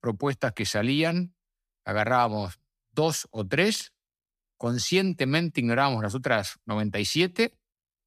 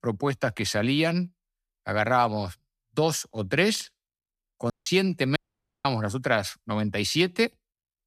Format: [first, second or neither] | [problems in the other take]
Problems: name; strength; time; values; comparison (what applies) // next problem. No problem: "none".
first | audio cutting out; at 4.5 s and at 5.5 s